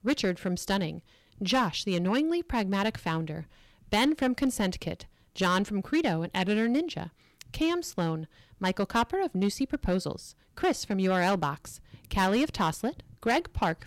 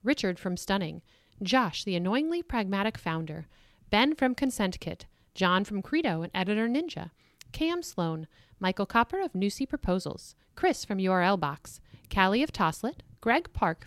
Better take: second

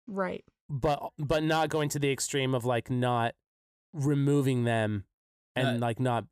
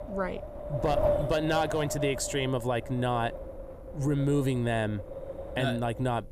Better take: first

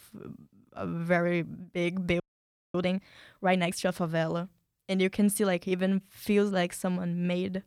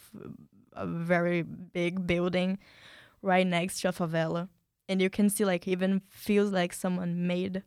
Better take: second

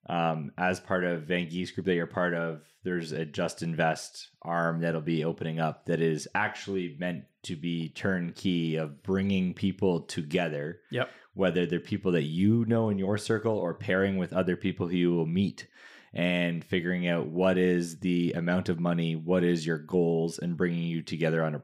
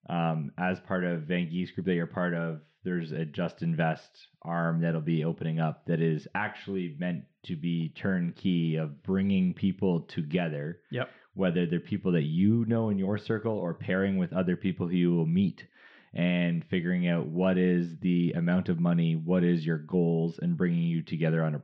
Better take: first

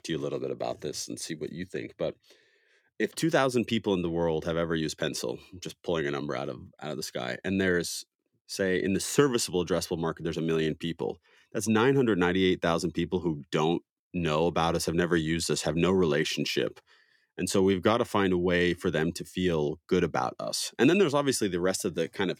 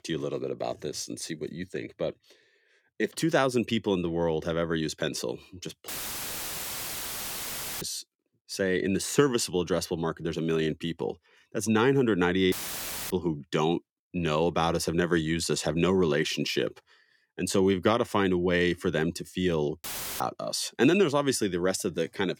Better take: first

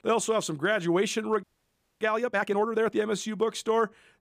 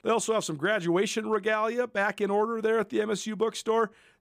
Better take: second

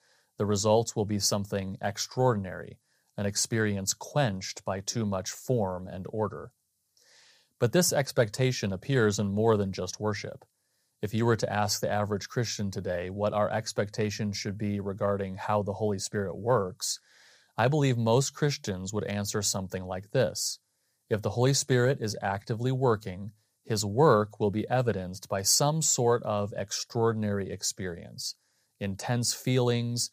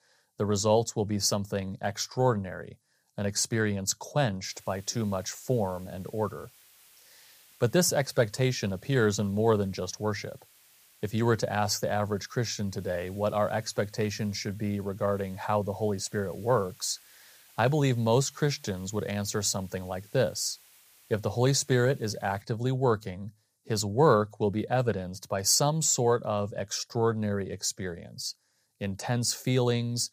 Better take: first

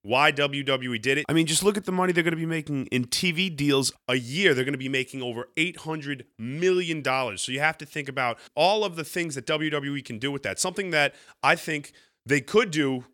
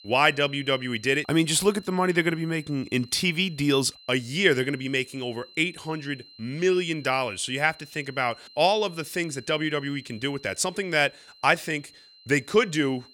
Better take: first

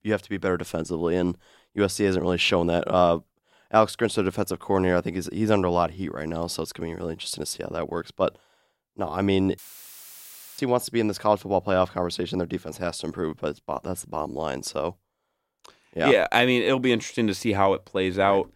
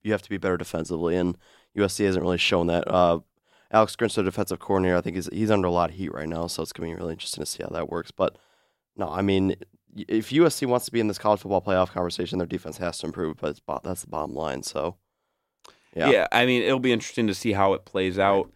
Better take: second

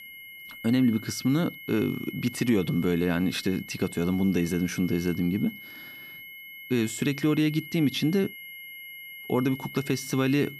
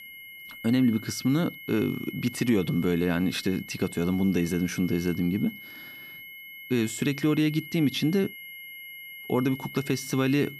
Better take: neither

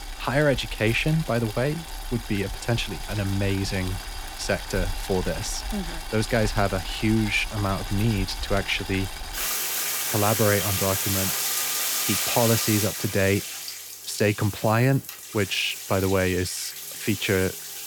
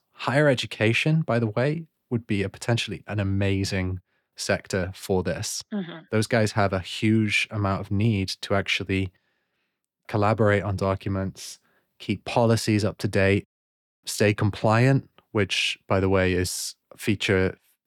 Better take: second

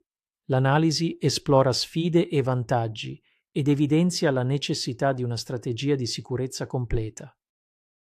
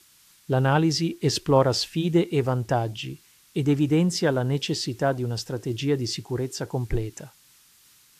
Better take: first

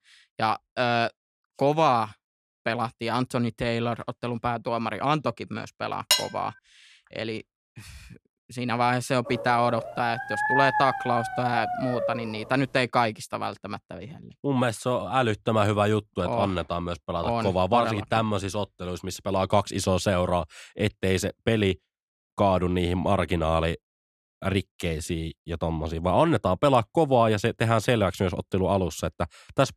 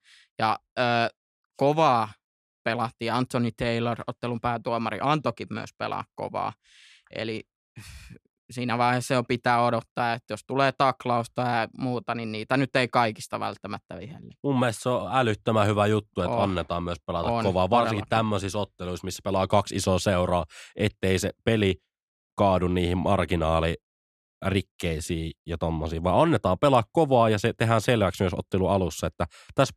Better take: second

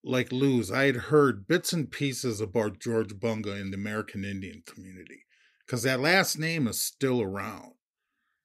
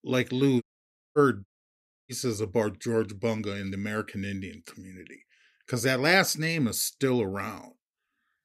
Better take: first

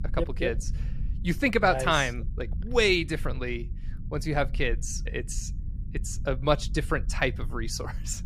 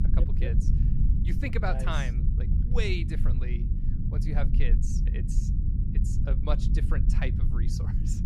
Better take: first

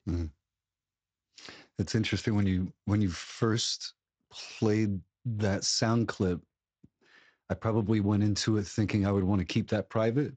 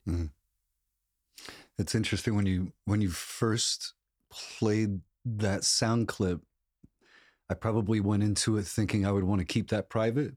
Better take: second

